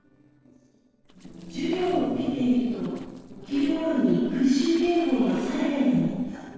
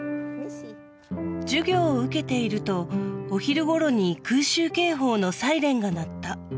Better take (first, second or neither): second